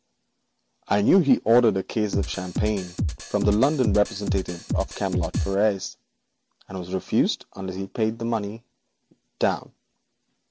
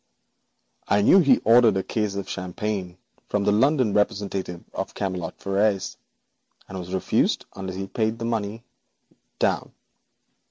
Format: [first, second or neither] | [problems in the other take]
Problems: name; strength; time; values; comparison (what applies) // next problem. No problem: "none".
second | background sound (Drum kit); 2 dB below the speech